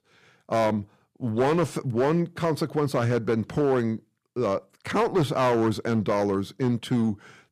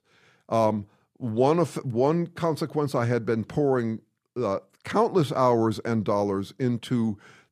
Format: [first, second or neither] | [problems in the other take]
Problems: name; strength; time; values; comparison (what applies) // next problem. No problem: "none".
second | distortion; slight; 6% of the sound clipped